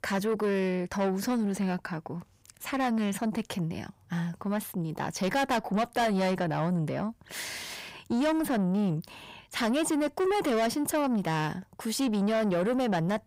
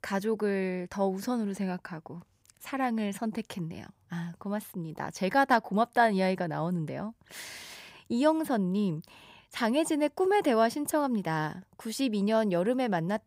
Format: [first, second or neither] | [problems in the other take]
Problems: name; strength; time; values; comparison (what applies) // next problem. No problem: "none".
second | distortion; heavy; 8 dB below the speech